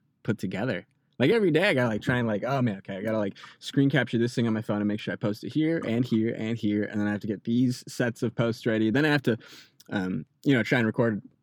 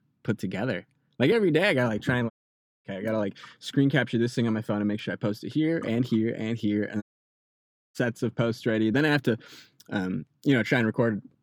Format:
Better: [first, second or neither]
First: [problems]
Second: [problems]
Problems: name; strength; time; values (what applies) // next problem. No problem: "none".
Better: first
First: none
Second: audio cutting out; at 2.5 s for 0.5 s and at 7 s for 1 s